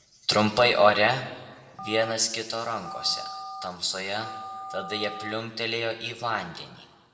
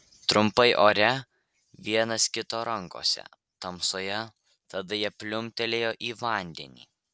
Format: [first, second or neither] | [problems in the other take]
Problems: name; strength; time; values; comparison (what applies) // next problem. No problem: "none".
second | background sound (Telephone); 12 dB below the speech // room echo; dies away in 1.3 s